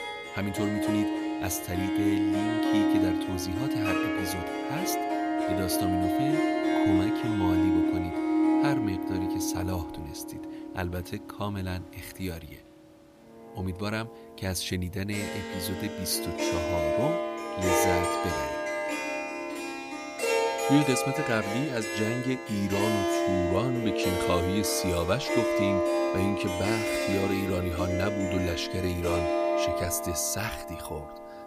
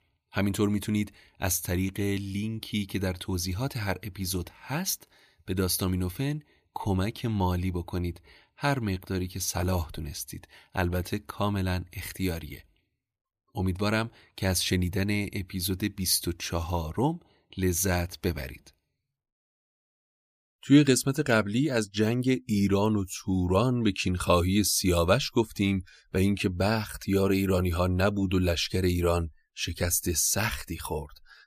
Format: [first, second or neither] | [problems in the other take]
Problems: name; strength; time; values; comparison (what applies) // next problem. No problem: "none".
second | background music; very loud; throughout; 3 dB above the speech